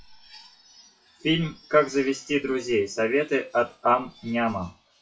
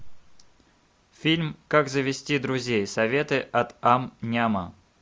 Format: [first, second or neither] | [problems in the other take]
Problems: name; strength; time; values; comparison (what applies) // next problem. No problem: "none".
second | noise reduction (classical method WPE with log-MMSE)